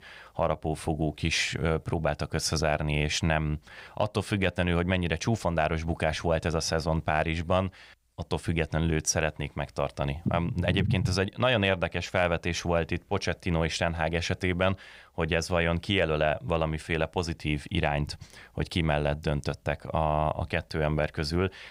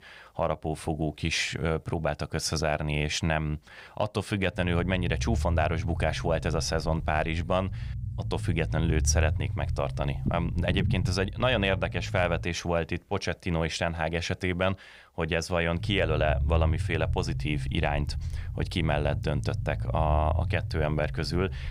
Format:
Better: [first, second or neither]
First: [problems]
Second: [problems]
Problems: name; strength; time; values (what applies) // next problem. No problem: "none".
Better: first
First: none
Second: low rumble; noticeable; from 4.5 to 12 s and from 16 s on; 20 dB below the speech